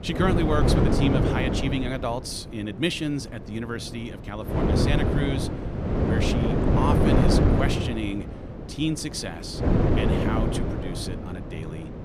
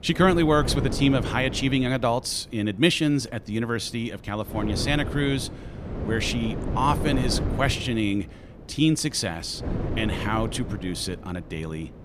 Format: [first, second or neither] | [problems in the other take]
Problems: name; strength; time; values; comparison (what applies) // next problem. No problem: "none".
second | wind noise on the microphone; heavy; 2 dB above the speech; occasional gusts in the second